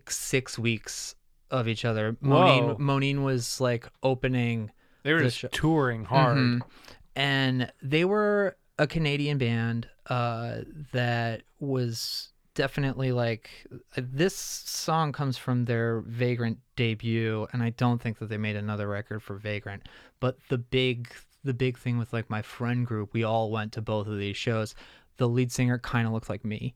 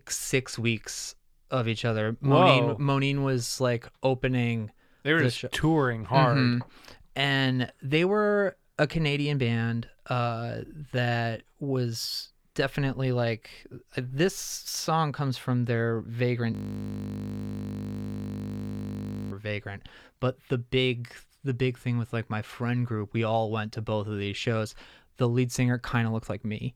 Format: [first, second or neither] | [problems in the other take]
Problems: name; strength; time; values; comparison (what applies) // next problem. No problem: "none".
first | audio freezing; at 17 s for 3 s